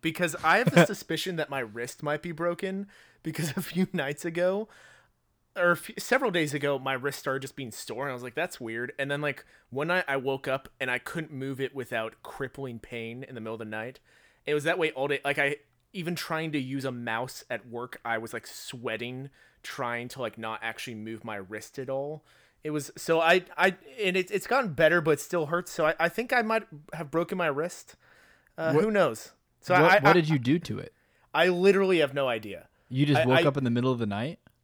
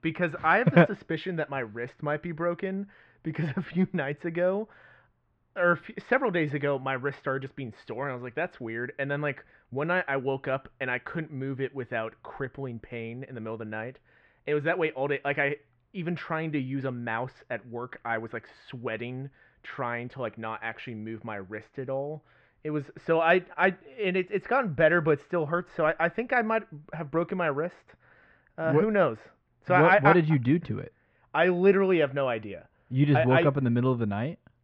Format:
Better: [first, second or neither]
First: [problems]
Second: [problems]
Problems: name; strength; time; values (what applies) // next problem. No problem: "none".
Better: first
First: none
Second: muffled; very; fading above 2.5 kHz